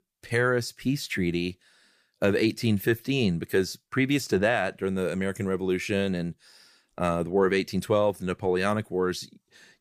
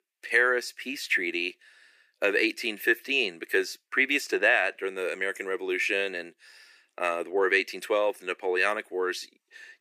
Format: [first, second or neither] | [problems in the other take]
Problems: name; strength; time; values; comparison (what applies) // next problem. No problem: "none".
first | thin; very; fading below 300 Hz